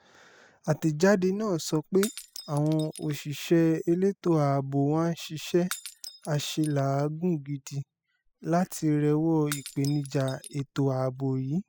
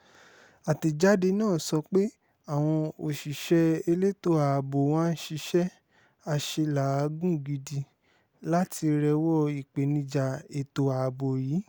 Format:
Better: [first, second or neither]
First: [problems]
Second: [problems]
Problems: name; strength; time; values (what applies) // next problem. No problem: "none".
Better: second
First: noise reduction (classical method spectral subtraction)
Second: none